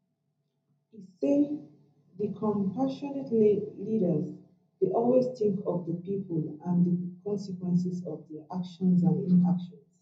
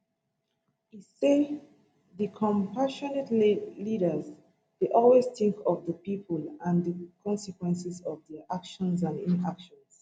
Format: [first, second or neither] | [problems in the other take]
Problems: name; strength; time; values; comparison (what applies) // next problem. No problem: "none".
second | room echo; dies away in 0.4 s